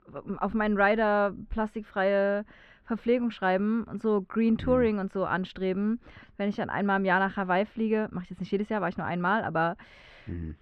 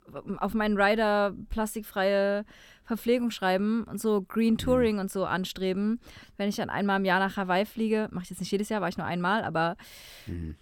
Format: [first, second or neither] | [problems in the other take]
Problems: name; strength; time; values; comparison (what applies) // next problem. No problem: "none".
second | muffled; slightly; fading above 2 kHz